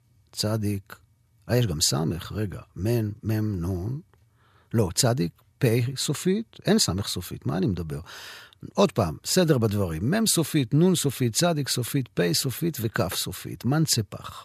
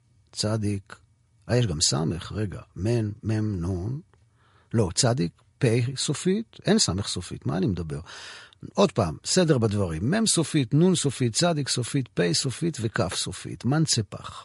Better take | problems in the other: first | garbled, watery; slightly; nothing above 11 kHz

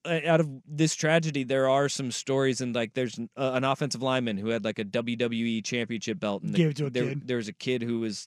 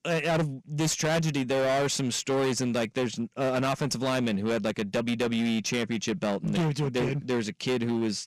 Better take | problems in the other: first | distortion; heavy; 21% of the sound clipped

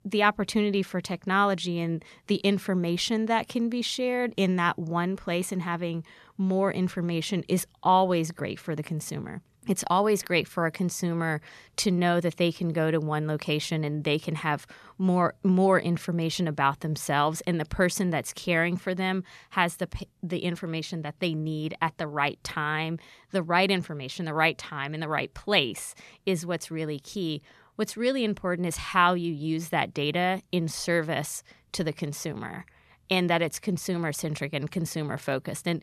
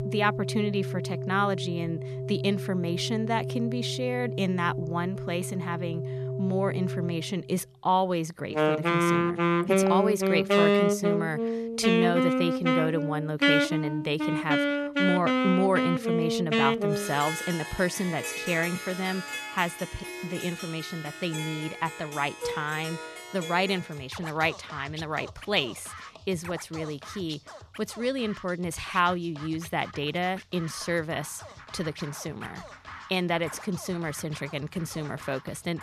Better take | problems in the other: first | background music; very loud; throughout; 1 dB above the speech

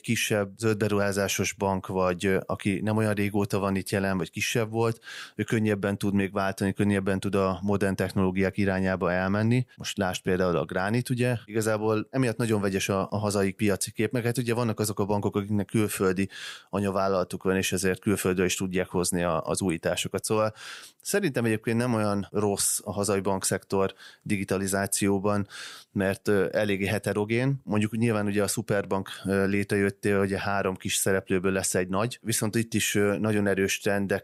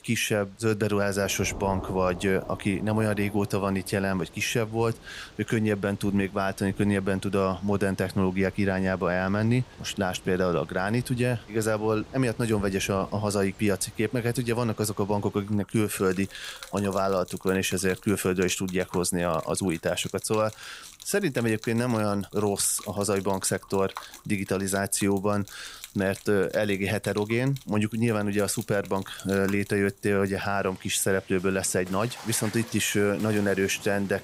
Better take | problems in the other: first | rain or running water; noticeable; throughout; 20 dB below the speech

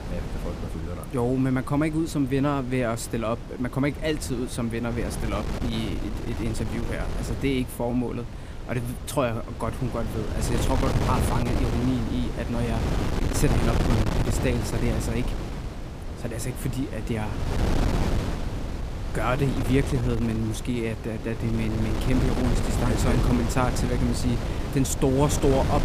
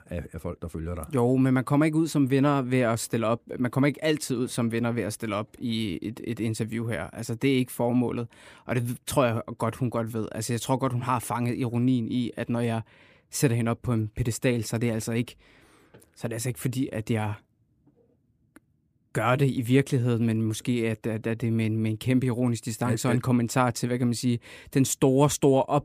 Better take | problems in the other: second | wind noise on the microphone; heavy; 5 dB below the speech

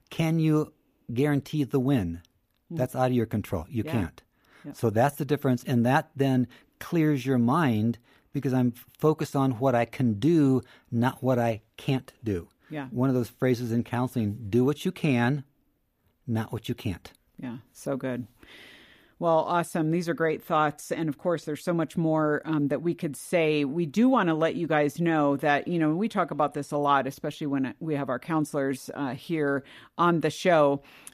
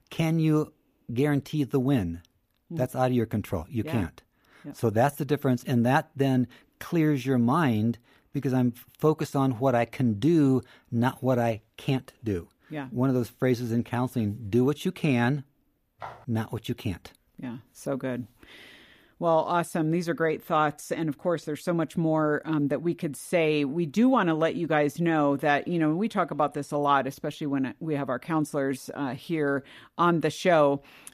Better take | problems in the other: first | footsteps; faint; at 16 s; peak 15 dB below the speech

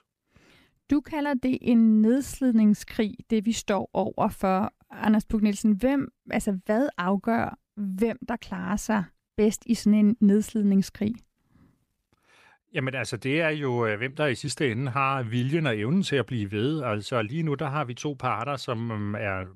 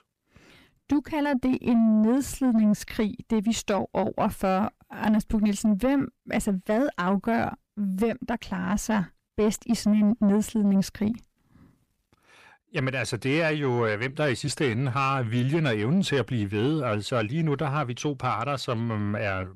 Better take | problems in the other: first | distortion; slight; 10 dB below the speech

